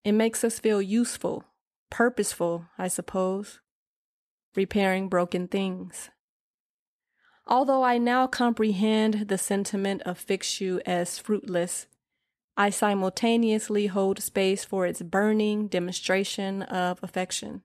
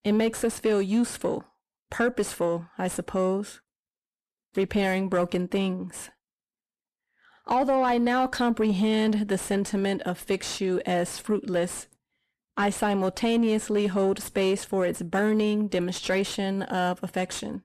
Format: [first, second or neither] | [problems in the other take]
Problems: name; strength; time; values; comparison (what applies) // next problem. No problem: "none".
first | distortion; slight; 10 dB below the speech